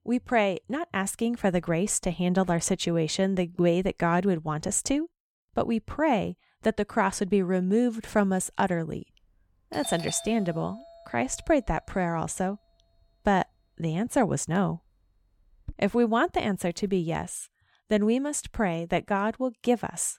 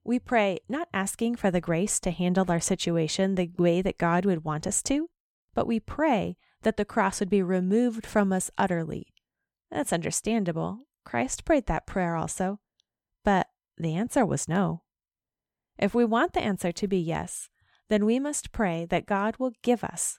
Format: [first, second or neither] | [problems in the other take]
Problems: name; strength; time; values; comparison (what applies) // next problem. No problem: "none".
second | doorbell; noticeable; from 9.5 to 16 s; peak 9 dB below the speech